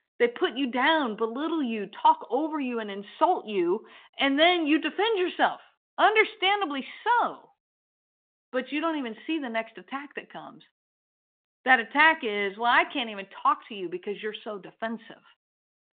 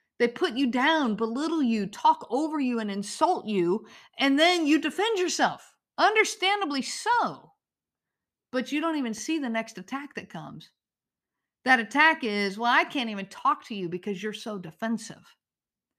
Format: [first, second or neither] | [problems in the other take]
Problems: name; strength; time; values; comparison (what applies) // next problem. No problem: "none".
second | phone-call audio; nothing above 3.5 kHz